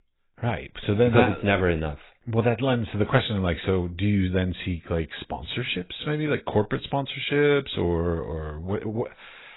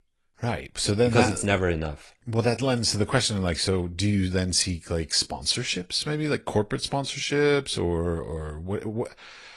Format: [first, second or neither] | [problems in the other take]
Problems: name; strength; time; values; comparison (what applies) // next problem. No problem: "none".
second | garbled, watery; badly; nothing above 4 kHz; slightly in the second